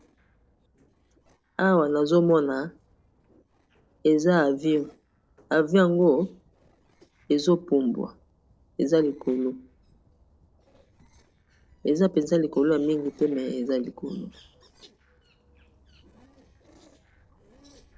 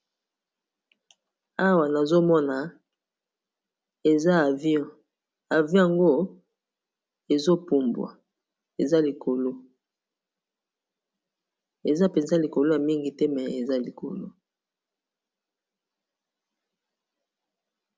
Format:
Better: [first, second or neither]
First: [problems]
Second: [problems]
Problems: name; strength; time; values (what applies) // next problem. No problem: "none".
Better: second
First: noise reduction (neural separator model SepFormer DNS4)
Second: none